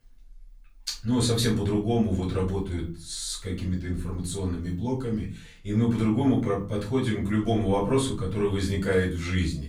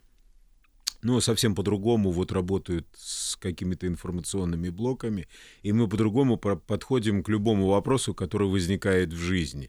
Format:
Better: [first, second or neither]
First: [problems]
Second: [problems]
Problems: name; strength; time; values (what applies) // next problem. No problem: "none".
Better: second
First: room echo; slight; dies away in 0.4 s // off-mic speech; far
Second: none